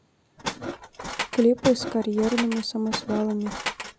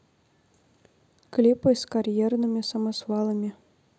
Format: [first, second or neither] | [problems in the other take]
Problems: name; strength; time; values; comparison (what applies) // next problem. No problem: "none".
second | background sound (Tools); 8 dB below the speech